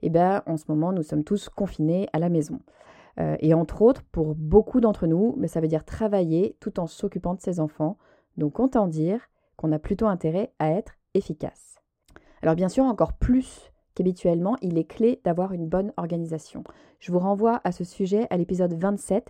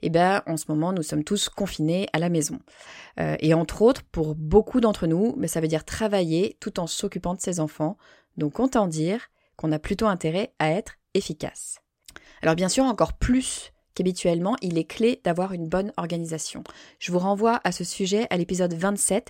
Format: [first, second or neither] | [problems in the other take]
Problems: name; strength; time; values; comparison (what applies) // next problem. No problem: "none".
second | muffled; very; fading above 1.5 kHz